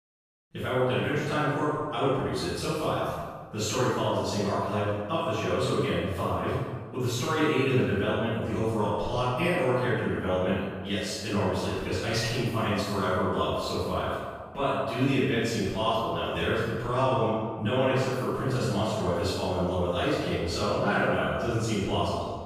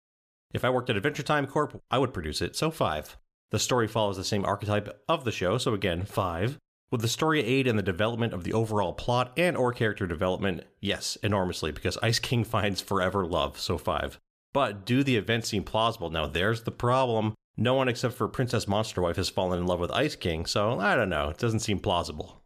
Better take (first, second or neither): second